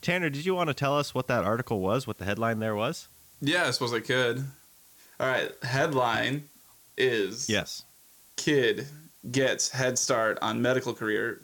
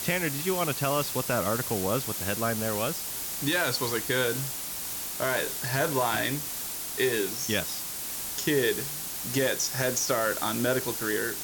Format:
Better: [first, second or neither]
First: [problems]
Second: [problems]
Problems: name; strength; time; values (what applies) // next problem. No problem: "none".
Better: first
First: hiss; faint; throughout; 25 dB below the speech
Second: hiss; loud; throughout; 3 dB below the speech